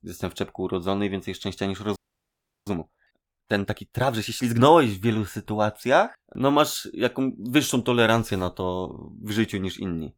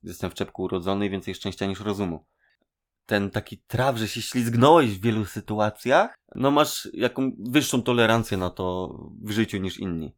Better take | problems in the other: second | audio freezing; at 2 s for 0.5 s

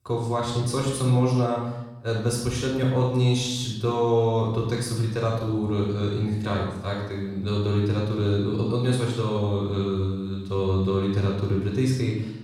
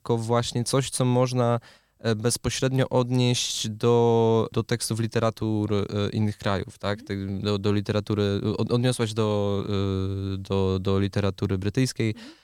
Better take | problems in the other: second | off-mic speech; far // room echo; noticeable; dies away in 0.8 s

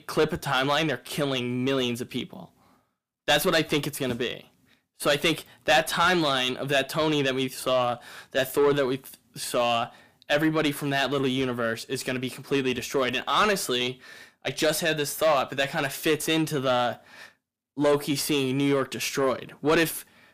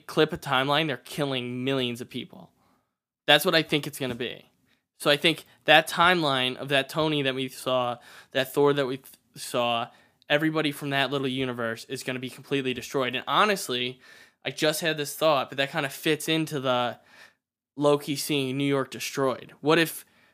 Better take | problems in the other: second | distortion; heavy; 7 dB below the speech

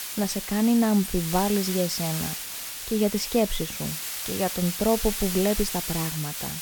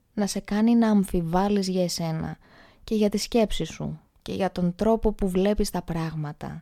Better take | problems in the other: second | hiss; loud; throughout; 4 dB below the speech

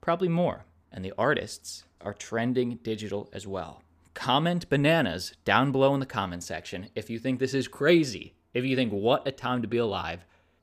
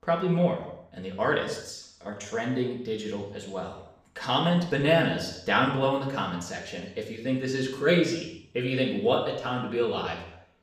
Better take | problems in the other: first | room echo; noticeable; dies away in 0.7 s // off-mic speech; far

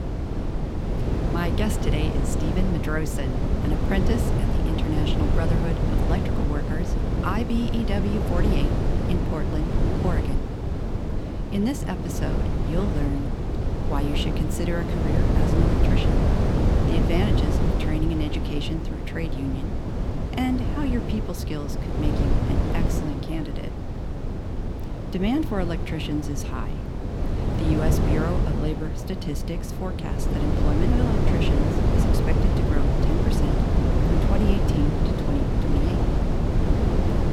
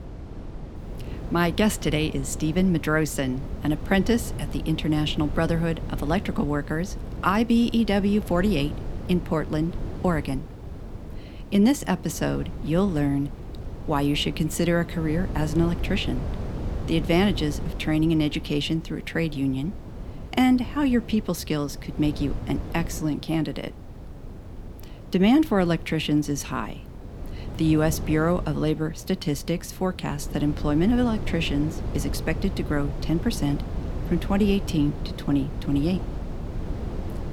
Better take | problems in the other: second | wind noise on the microphone; heavy; 1 dB above the speech; occasional gusts in the second

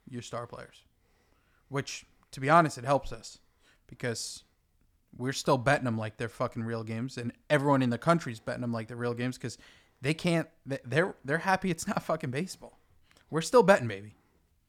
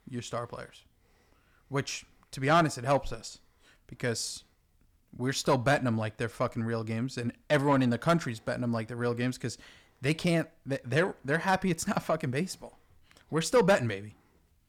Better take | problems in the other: first | distortion; slight; 10 dB below the speech

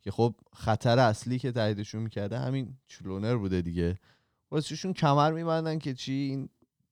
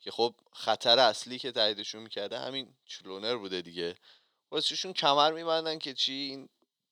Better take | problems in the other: first | thin; very; fading below 500 Hz

